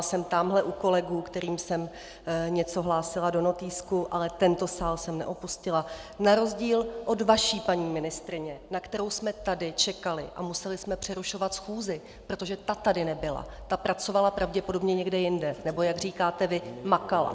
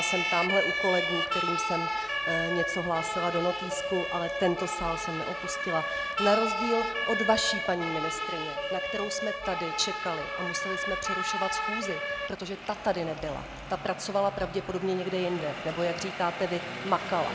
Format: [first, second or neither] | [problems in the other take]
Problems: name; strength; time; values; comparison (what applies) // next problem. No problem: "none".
first | background sound (Siren); 2 dB below the speech